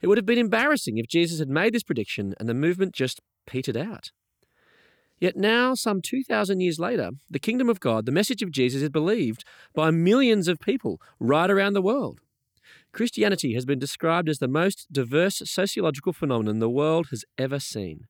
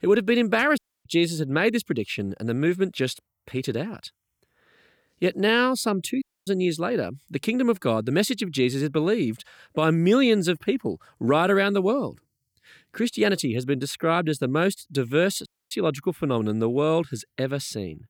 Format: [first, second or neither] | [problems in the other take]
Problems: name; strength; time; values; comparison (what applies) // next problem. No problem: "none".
first | audio cutting out; at 1 s, at 6 s and at 15 s